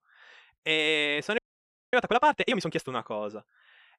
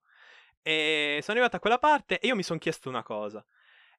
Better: second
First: audio freezing; at 1.5 s for 0.5 s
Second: none

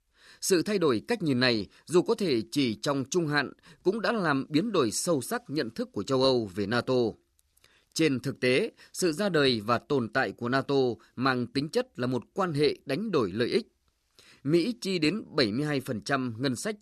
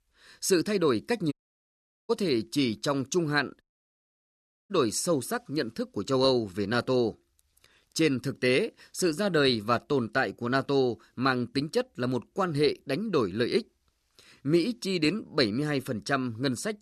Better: first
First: none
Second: audio cutting out; at 1.5 s for 1 s and at 3.5 s for 1 s

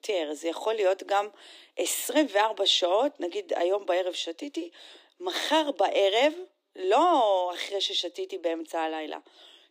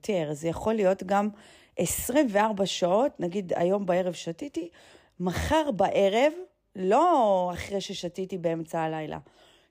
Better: second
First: thin; somewhat; fading below 300 Hz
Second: none

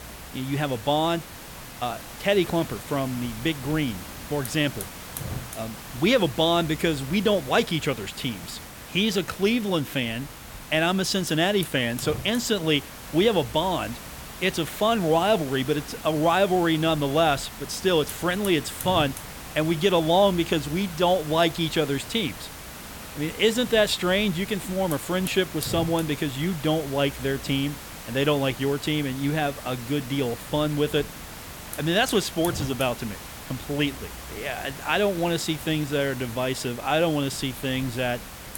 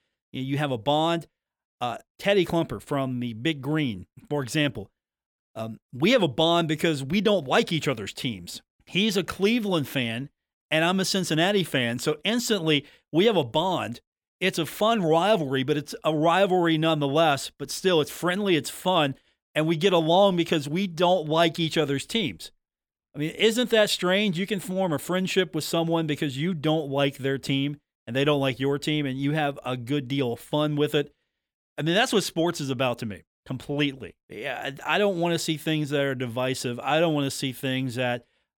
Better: second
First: hiss; noticeable; throughout; 15 dB below the speech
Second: none

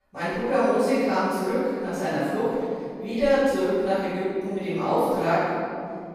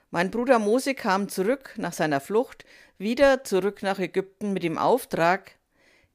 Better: second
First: off-mic speech; far // room echo; strong; dies away in 2.4 s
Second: none

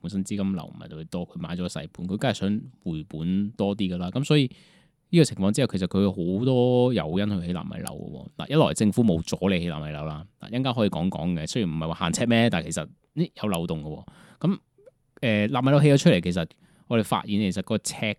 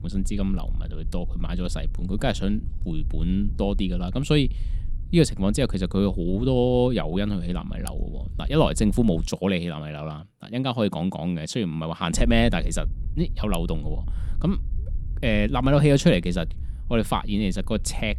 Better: first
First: none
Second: low rumble; faint; until 9.5 s and from 12 s on; 25 dB below the speech

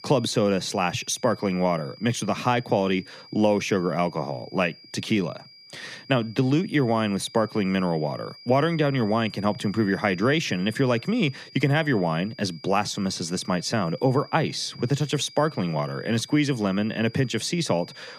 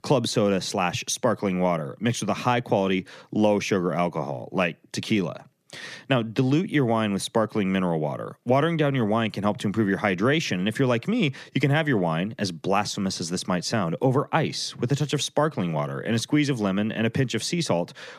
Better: second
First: high-pitched whine; faint; throughout; 5 kHz, 20 dB below the speech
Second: none

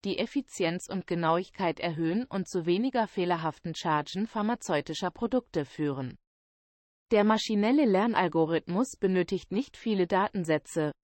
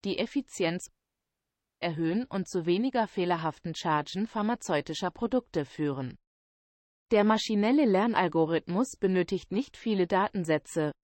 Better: first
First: none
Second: audio cutting out; at 1 s for 1 s

